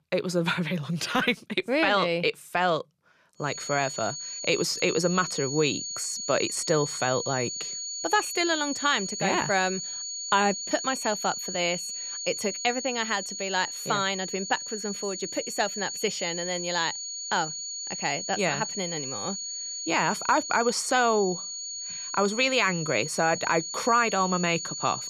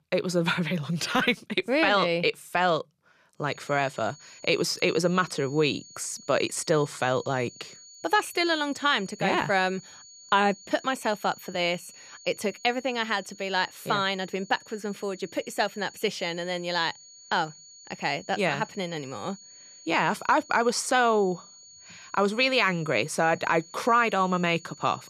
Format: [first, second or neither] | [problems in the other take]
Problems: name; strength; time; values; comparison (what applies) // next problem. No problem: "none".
second | high-pitched whine; loud; from 3.5 s on; 7 kHz, 5 dB below the speech; faint in the second